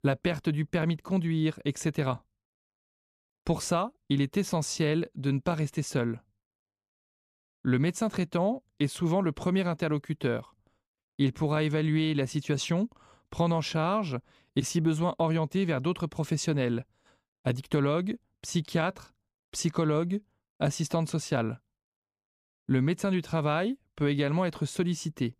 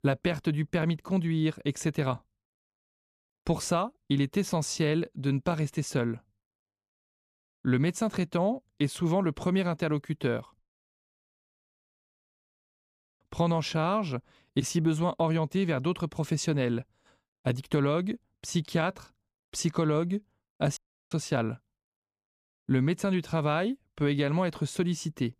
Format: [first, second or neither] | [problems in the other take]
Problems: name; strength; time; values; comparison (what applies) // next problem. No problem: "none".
first | audio cutting out; at 11 s for 2.5 s and at 21 s